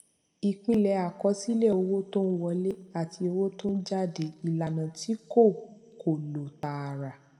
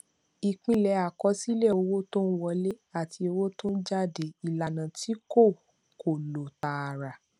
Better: second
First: room echo; dies away in 0.9 s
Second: none

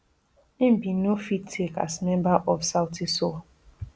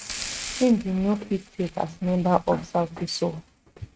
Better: first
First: none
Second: noise reduction (neural mask model RNNoise)

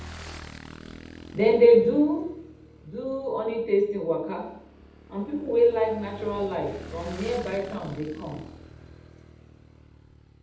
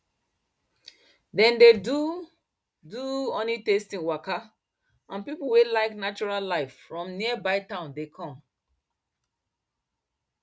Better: second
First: background sound (Motorcycle / Engine); 18 dB below the speech // room echo; dies away in 0.8 s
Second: none

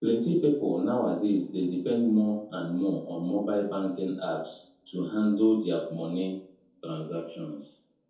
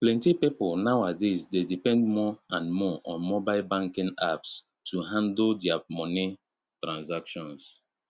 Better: second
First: room echo; dies away in 0.6 s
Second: none

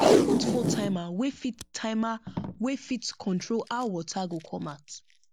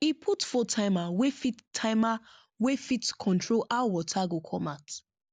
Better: second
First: background sound (Packing tape, duct tape); 1 dB above the speech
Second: none

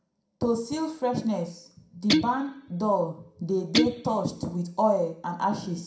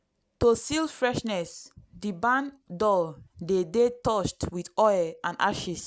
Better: second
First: background sound (Guitar); 3 dB below the speech // room echo; dies away in 0.5 s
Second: none

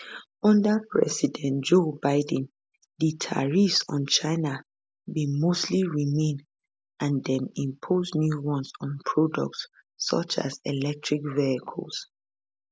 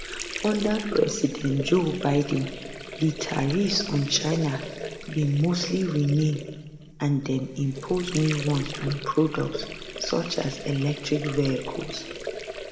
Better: first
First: none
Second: background sound (Sink (filling or washing) / Water); 10 dB below the speech // room echo; dies away in 1.8 s

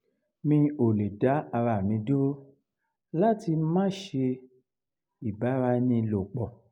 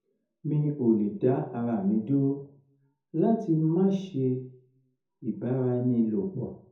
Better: first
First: none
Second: room echo; dies away in 0.5 s

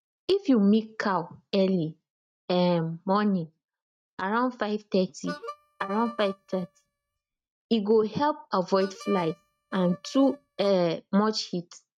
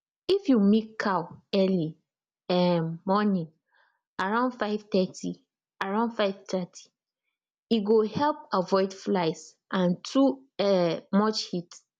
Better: second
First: noise reduction (neural mask model RNNoise)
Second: none

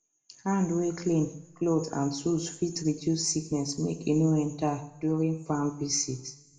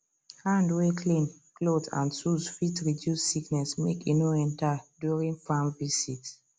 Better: second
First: room echo; dies away in 0.9 s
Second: none

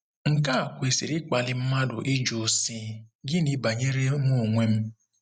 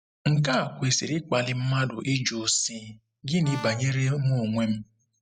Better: first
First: none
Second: noise reduction (classical method spectral subtraction)

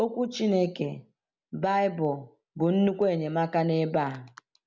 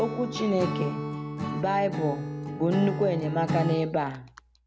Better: first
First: none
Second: background sound (Acoustic guitar / Strum); 5 dB below the speech

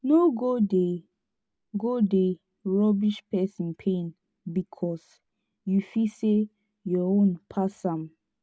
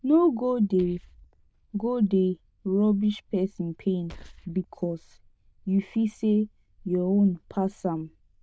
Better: first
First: none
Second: noise reduction (neural diffusion model UNIVERSE++)

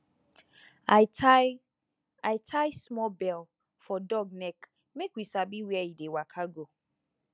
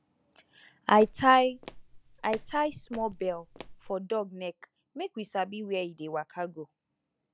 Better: first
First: none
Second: background sound (Walk, footsteps); 17 dB below the speech

